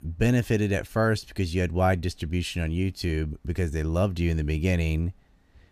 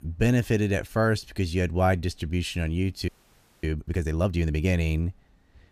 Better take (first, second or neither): first